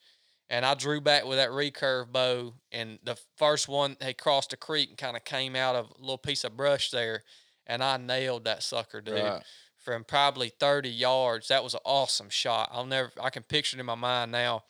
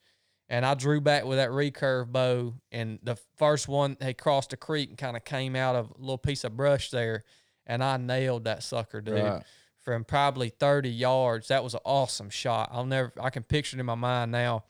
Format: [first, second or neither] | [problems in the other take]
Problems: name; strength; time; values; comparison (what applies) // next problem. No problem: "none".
second | thin; somewhat; fading below 1 kHz